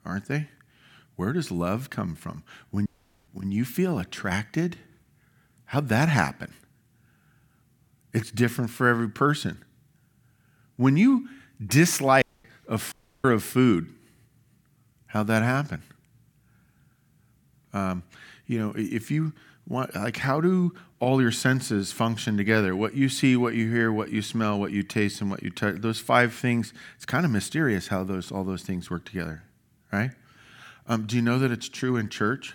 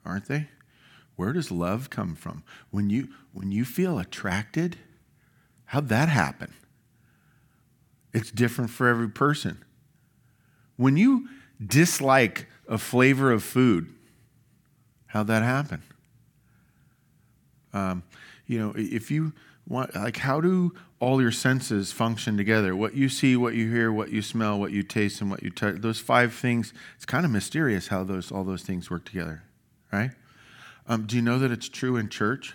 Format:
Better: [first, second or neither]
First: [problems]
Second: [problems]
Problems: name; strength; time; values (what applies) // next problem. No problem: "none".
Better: second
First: audio cutting out; at 3 s, at 12 s and at 13 s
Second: none